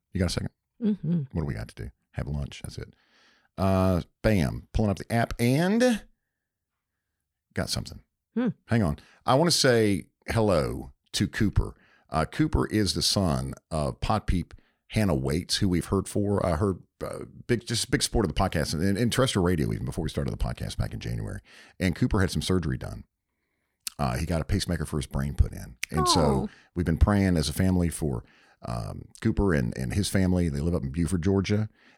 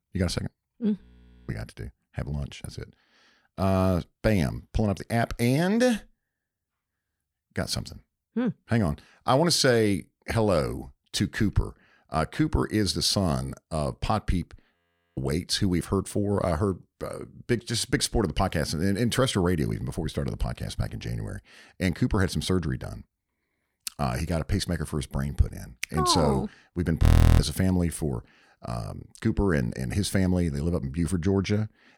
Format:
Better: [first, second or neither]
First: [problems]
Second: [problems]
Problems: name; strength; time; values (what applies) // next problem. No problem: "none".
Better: first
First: none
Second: audio freezing; at 1 s, at 15 s and at 27 s